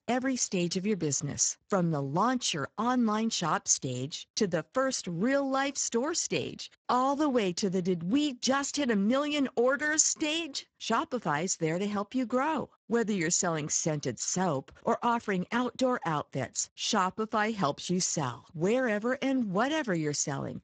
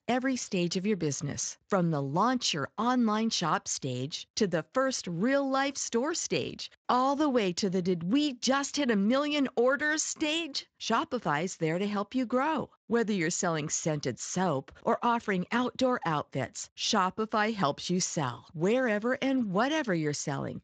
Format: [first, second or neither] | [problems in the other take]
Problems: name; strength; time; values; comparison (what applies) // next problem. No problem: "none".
second | garbled, watery; badly; nothing above 7.5 kHz; slightly in the second